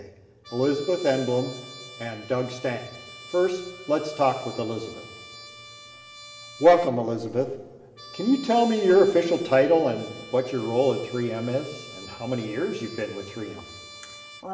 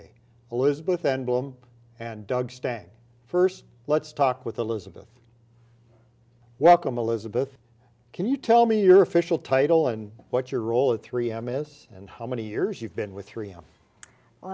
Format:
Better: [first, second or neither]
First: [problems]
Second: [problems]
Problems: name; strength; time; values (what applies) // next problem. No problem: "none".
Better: second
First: background sound (Trumpet); 18 dB below the speech // room echo; dies away in 2.9 s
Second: none